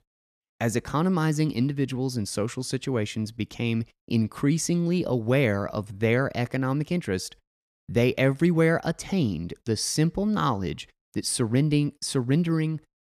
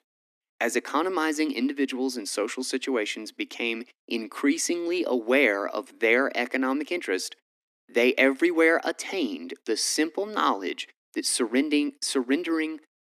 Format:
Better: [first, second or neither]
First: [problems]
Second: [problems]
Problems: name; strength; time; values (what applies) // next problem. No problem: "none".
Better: first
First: none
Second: thin; somewhat; fading below 250 Hz